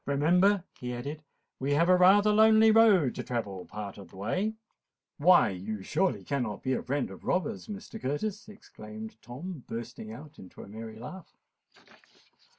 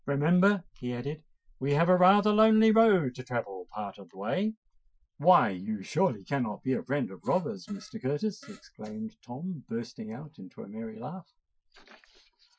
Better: first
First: none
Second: noise reduction (classical method Wiener filter)

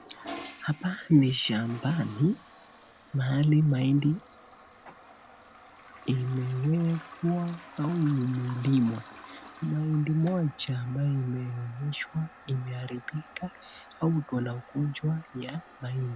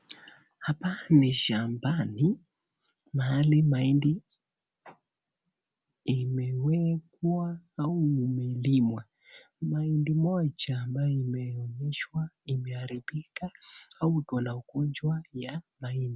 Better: second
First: background sound (Toilet flush); 20 dB below the speech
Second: none

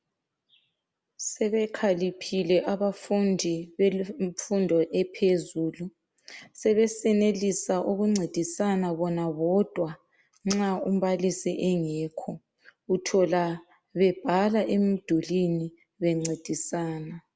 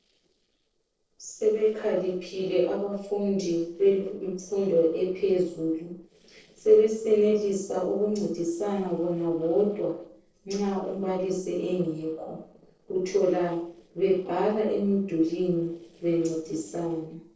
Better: first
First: none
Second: noise reduction (neural separator model SepFormer DNS4)

